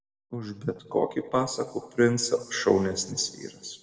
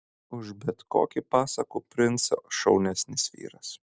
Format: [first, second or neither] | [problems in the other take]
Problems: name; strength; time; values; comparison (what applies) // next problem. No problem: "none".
second | room echo; dies away in 1.1 s